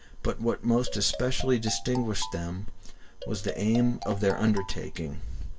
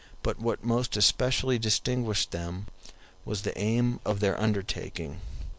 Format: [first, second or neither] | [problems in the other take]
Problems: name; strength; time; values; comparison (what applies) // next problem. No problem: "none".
second | background sound (Marimba, xylophone); 15 dB below the speech // room echo; dies away in 0.1 s